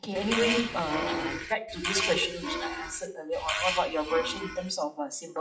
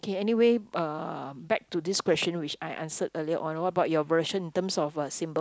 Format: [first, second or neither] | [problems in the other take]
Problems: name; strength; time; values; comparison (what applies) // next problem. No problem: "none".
second | noise reduction (classical method WPE with log-MMSE)